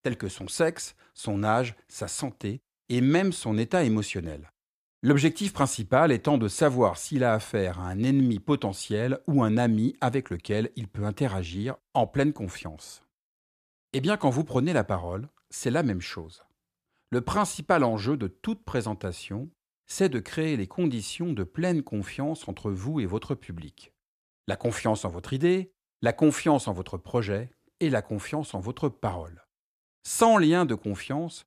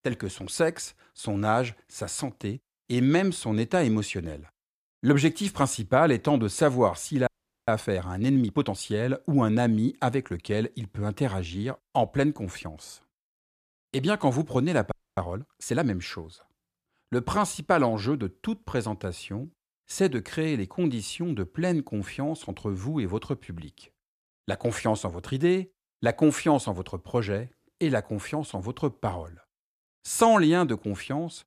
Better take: first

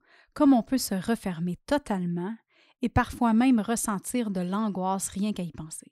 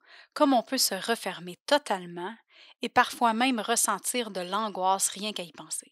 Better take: first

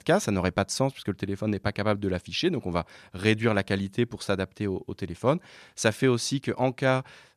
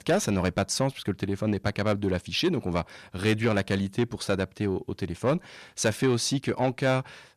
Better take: first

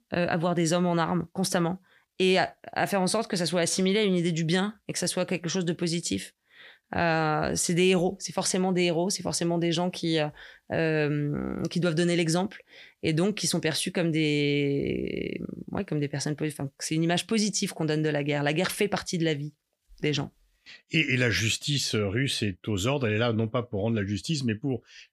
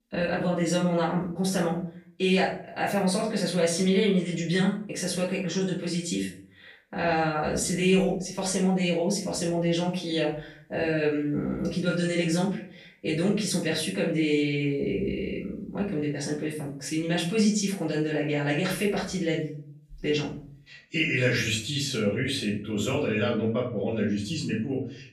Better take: first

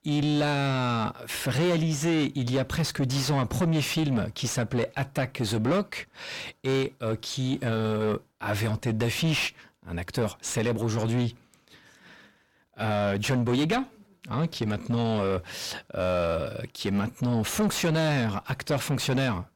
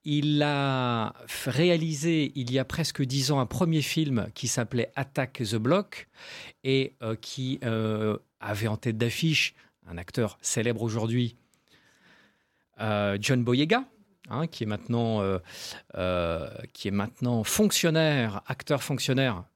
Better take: second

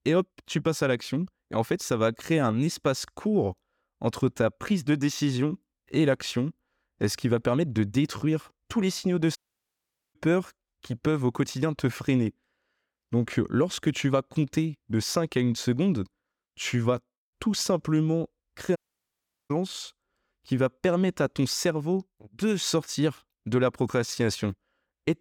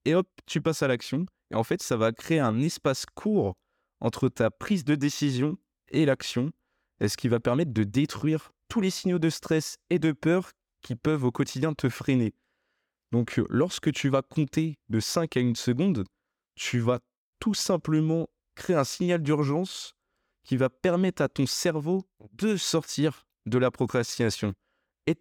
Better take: second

